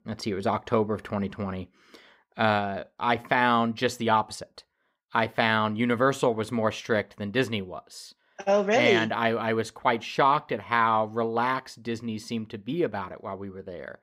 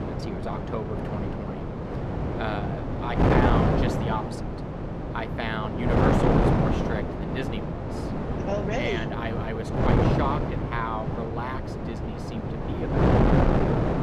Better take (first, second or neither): first